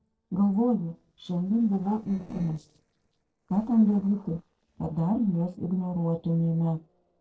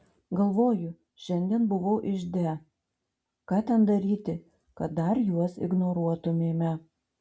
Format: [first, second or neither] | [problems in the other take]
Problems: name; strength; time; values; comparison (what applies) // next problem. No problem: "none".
second | noise reduction (neural separator model SepFormer DNS4)